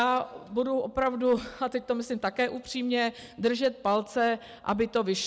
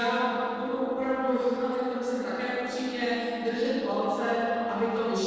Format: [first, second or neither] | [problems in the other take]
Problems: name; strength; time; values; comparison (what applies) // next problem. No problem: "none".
first | noise reduction (neural separator model SepFormer DNS4)